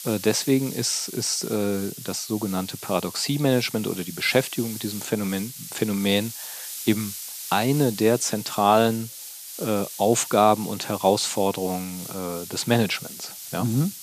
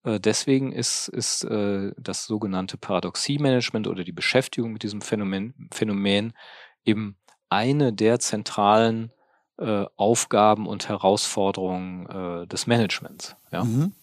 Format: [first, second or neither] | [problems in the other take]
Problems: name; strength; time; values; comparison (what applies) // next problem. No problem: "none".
second | hiss; noticeable; throughout; 10 dB below the speech